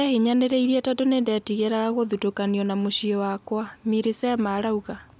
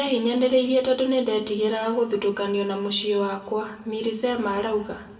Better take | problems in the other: first | room echo; dies away in 0.8 s

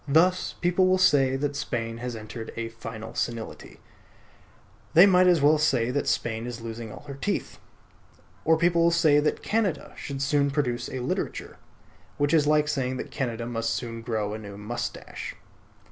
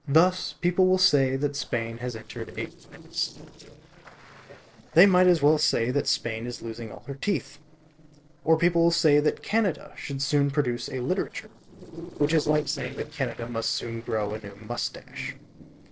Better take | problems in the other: first | noise reduction (neural separator model SepFormer DNS4)

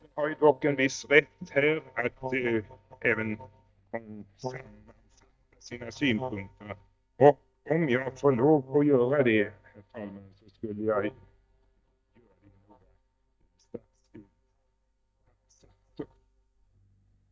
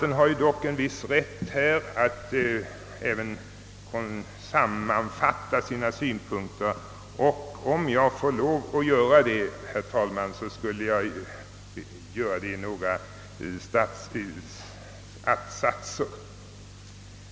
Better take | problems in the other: second | noise reduction (neural mask model DeepFilterNet 3)

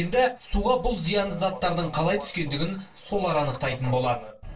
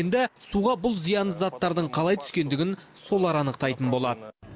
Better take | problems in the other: second | room echo; dies away in 0.2 s

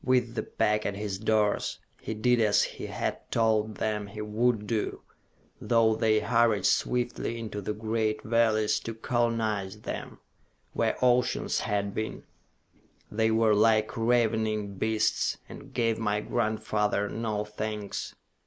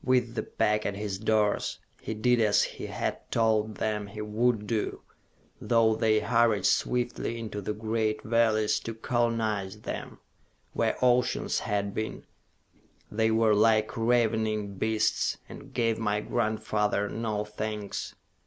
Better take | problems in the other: second | noise reduction (neural mask model Resemble Enhance denoiser)

